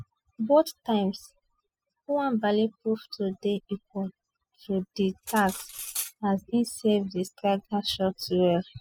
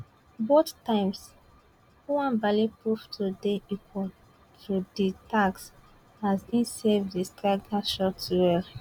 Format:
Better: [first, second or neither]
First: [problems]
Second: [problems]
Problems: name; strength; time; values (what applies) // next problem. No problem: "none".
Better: second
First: noise reduction (classical method spectral subtraction)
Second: none